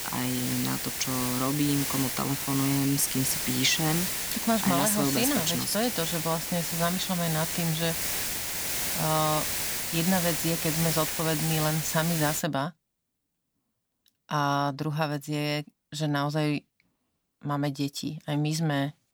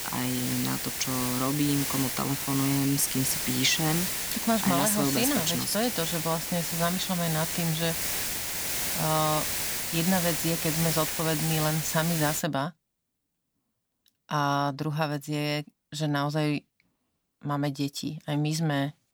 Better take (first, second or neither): neither